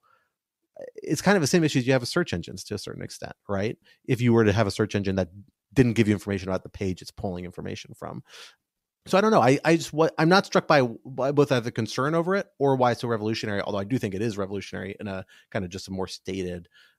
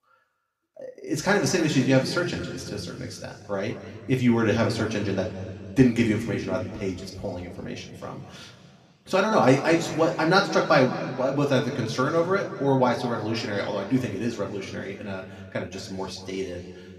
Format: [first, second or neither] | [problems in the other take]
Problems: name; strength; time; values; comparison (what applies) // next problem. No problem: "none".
first | room echo; slight; dies away in 2.1 s // off-mic speech; somewhat distant